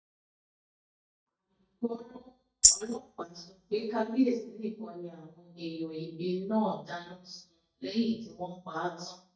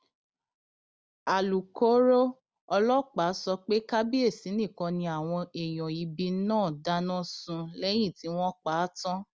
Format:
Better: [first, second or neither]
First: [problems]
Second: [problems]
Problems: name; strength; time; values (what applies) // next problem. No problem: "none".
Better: second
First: noise reduction (neural mask model DeepFilterNet 3)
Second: none